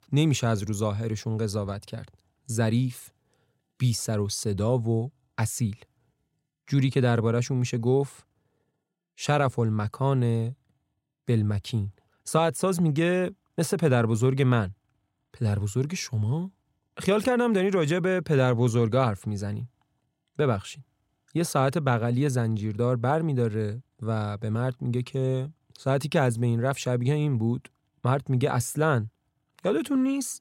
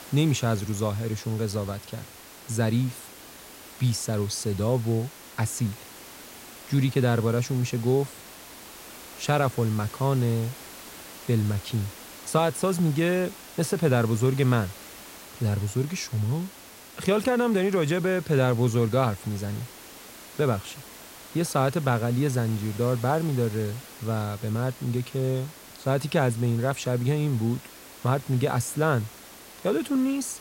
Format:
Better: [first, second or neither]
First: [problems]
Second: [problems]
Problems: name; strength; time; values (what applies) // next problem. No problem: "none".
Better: first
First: none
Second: hiss; noticeable; throughout; 15 dB below the speech